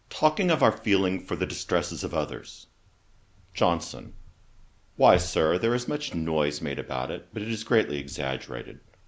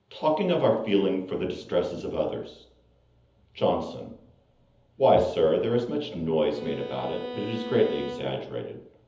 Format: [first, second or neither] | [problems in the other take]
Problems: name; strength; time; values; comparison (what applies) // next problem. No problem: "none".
first | background sound (Bowed string instrument); 11 dB below the speech // room echo; dies away in 0.7 s